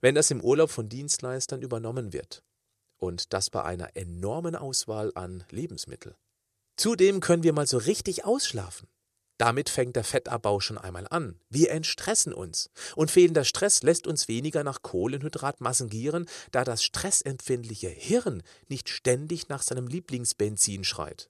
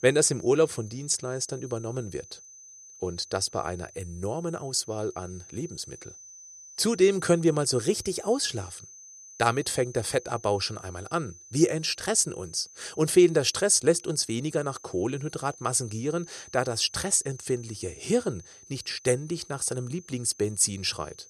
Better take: first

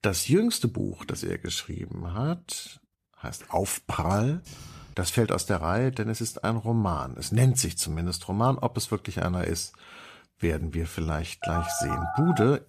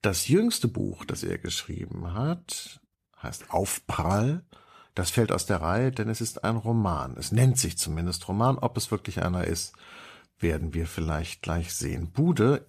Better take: second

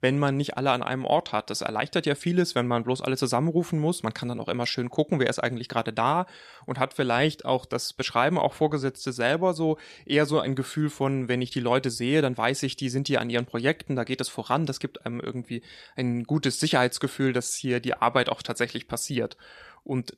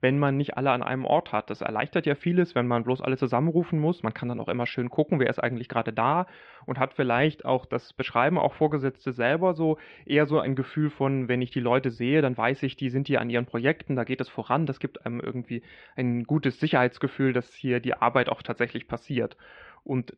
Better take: first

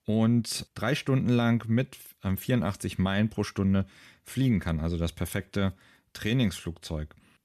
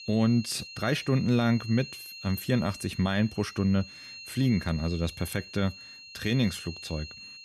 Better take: first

